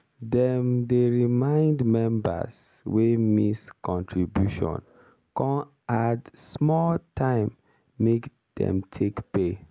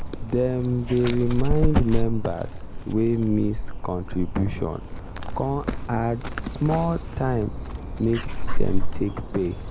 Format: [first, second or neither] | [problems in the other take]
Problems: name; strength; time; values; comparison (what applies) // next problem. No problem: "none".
first | background sound (Dog); 1 dB above the speech